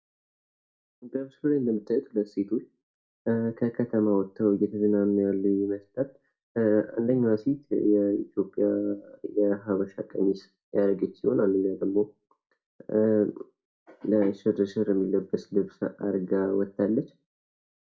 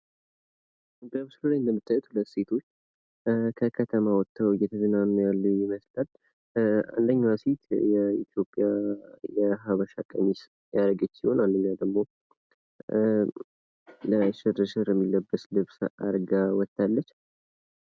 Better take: second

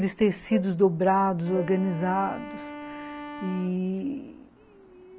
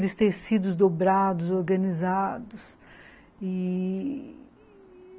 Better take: second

